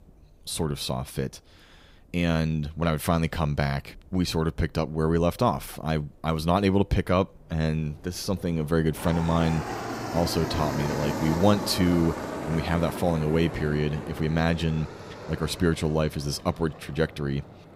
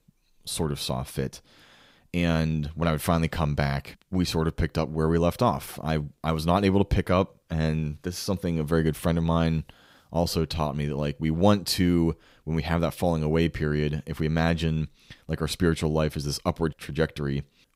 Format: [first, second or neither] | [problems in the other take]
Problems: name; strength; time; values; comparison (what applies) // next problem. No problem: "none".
second | train or aircraft noise; loud; throughout; 8 dB below the speech